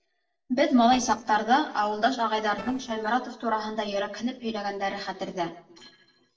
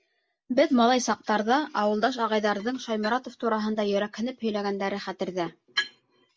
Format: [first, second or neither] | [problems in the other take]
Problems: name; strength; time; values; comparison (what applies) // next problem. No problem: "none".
second | noise reduction (neural separator model SepFormer DNS4)